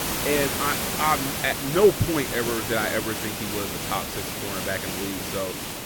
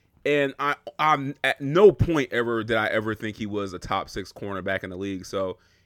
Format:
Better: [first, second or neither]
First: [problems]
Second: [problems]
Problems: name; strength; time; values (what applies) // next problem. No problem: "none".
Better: second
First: hiss; loud; throughout; 1 dB below the speech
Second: none